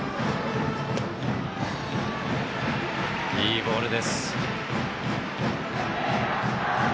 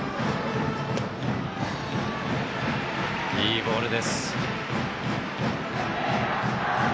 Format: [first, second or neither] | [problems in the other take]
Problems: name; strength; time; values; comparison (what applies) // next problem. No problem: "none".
second | background sound (Wind instrument, woodwind instrument); 18 dB below the speech